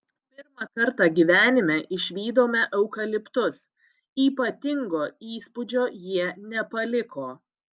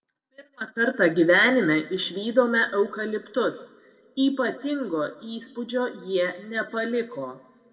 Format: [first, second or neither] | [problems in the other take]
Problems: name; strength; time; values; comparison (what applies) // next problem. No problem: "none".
first | room echo; dies away in 1.9 s